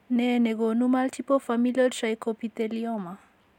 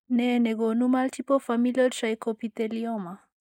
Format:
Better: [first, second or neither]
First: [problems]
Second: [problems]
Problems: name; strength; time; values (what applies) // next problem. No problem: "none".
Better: first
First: none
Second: noise reduction (neural mask model Resemble Enhance denoiser)